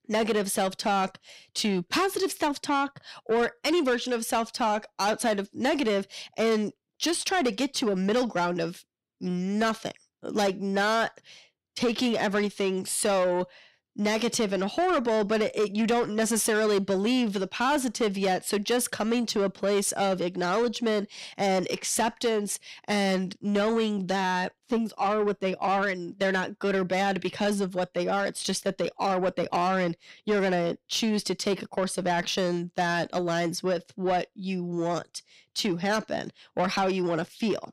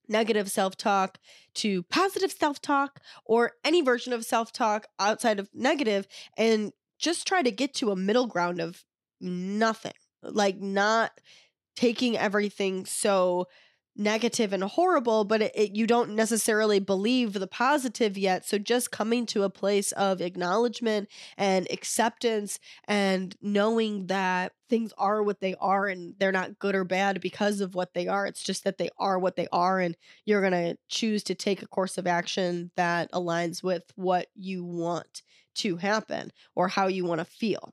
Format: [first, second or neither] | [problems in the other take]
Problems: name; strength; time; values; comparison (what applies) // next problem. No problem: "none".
second | distortion; slight; 10 dB below the speech